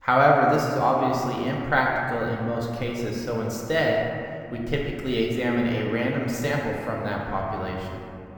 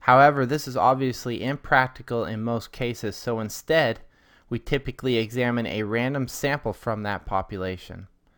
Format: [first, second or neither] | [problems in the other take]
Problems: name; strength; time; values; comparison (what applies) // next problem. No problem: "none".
second | room echo; noticeable; dies away in 2.1 s // off-mic speech; somewhat distant